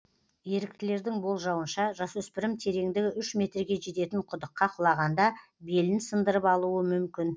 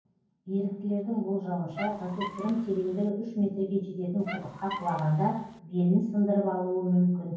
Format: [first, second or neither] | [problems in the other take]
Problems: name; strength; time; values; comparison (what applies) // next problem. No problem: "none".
first | background sound (Squeak); 13 dB below the speech // room echo; dies away in 0.9 s